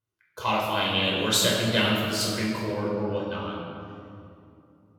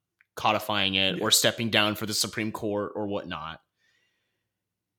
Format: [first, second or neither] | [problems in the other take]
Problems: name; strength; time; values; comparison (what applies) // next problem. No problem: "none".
second | off-mic speech; far // room echo; strong; dies away in 2.4 s